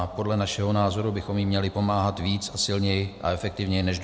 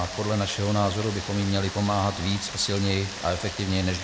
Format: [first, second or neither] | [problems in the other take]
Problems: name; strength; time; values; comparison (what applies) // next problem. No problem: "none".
first | background sound (Rain); 11 dB below the speech